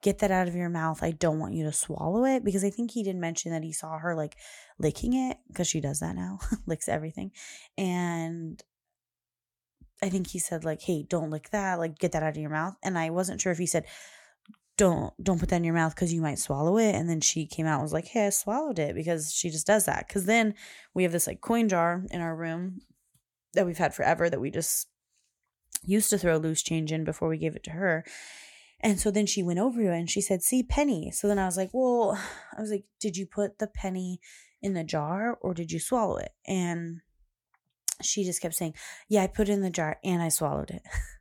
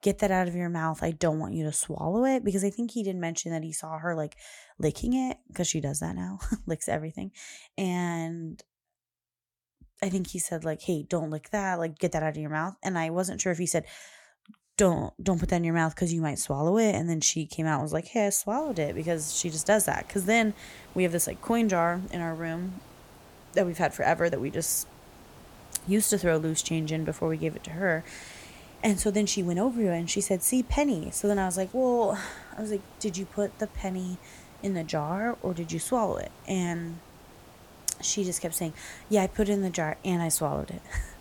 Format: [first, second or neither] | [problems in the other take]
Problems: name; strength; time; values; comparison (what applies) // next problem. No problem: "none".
first | hiss; faint; from 19 s on; 20 dB below the speech